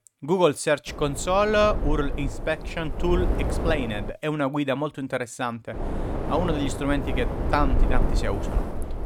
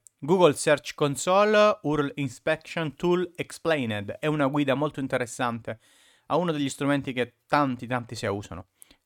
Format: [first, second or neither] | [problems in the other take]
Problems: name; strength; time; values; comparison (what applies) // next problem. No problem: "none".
second | wind noise on the microphone; heavy; from 1 to 4 s and from 5.5 s on; 9 dB below the speech